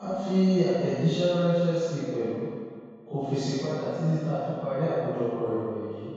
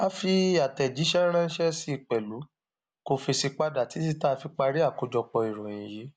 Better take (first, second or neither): second